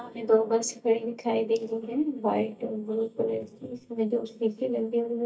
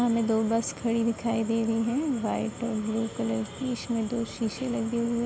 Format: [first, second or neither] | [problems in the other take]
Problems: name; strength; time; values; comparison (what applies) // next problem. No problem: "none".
second | noise reduction (neural mask model DeepFilterNet 3)